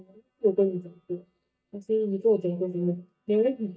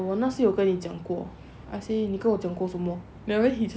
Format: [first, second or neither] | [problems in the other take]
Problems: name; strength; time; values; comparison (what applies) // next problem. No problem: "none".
second | noise reduction (neural mask model DeepFilterNet 3)